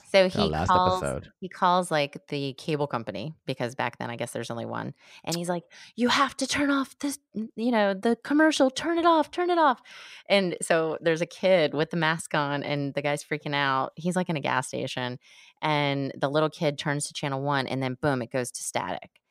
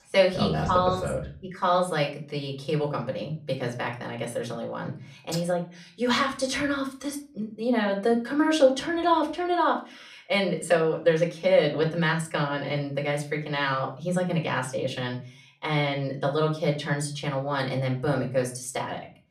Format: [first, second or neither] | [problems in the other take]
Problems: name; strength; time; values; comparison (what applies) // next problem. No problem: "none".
first | off-mic speech; far // room echo; very slight; dies away in 0.4 s